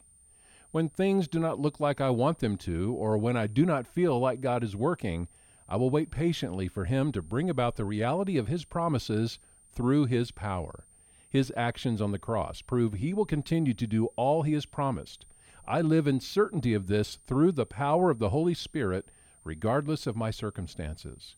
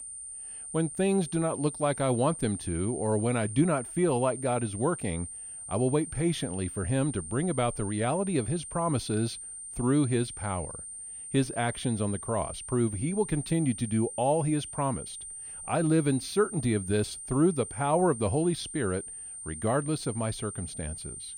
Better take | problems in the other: first | high-pitched whine; loud; throughout; 9 kHz, 9 dB below the speech; faint in the first

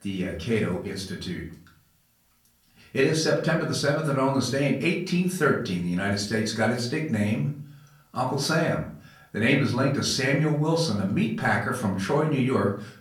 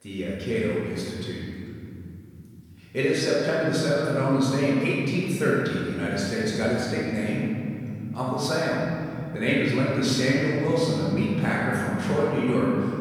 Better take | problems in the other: first | room echo; strong; dies away in 3 s; slight in the first // off-mic speech; far; far in the first

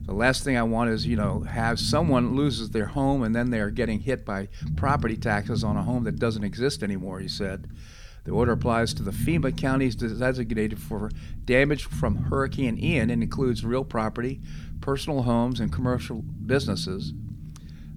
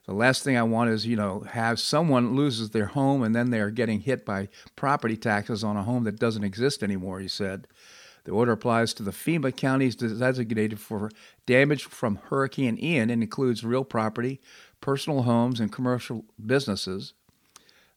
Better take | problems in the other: second | low rumble; noticeable; throughout; 15 dB below the speech

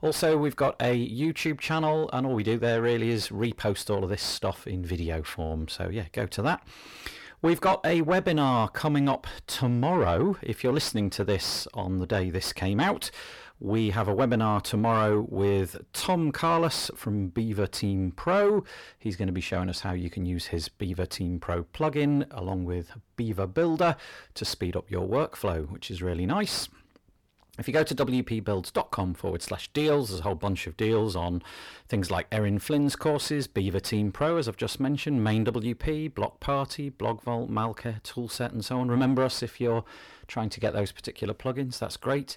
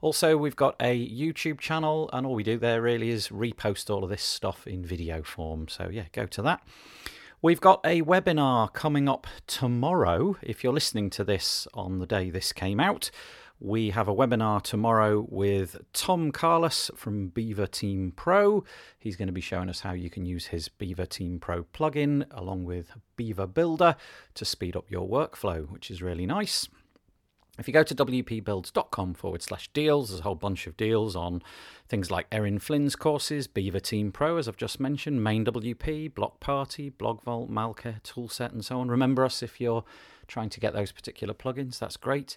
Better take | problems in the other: second | distortion; slight; 10 dB below the speech

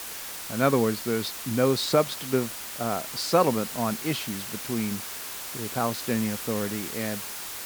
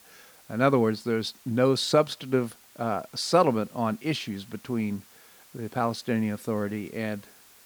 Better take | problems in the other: second | hiss; loud; throughout; 6 dB below the speech; faint in the second

